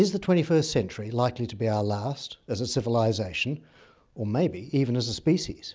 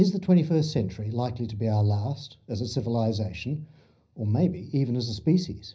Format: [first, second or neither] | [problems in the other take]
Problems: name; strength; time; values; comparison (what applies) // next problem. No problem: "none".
first | room echo; dies away in 0.5 s